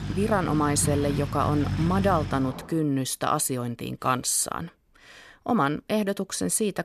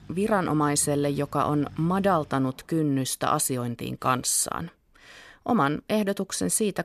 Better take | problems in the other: second | traffic noise; loud; until 2.5 s; 6 dB below the speech; faint in the second

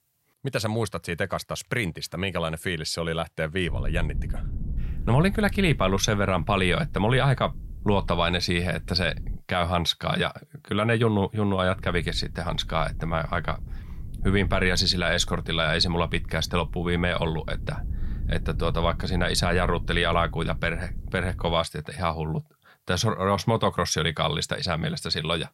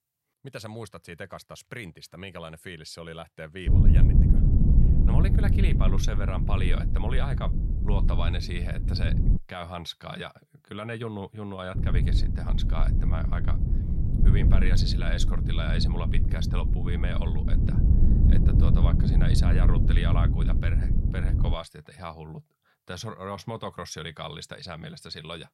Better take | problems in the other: first | low rumble; loud; from 3.5 to 9.5 s and from 12 to 22 s; 2 dB below the speech; faint in the first

